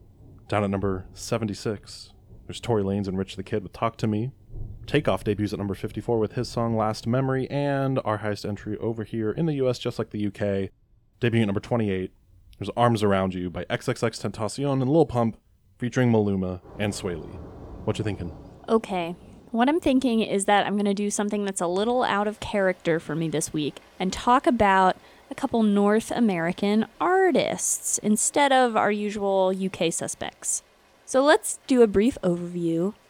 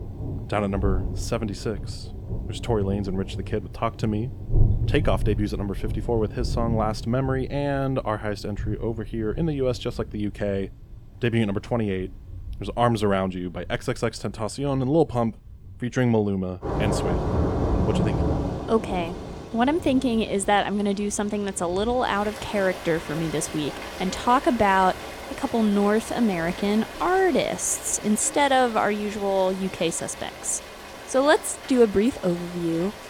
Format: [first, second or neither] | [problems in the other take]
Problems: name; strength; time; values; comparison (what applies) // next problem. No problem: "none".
first | rain or running water; loud; throughout; 7 dB below the speech; faint in the first